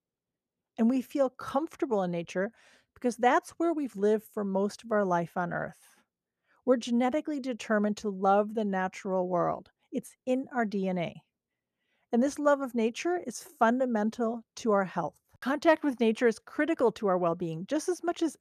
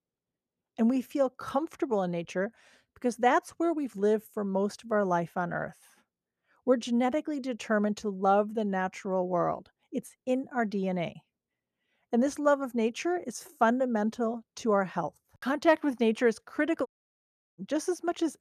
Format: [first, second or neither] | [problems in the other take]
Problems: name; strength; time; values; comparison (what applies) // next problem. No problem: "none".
first | audio cutting out; at 17 s for 0.5 s